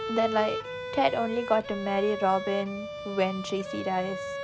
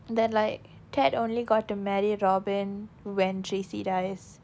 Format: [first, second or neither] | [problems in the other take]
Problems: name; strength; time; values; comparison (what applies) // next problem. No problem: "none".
second | background sound (Bowed string instrument); 7 dB below the speech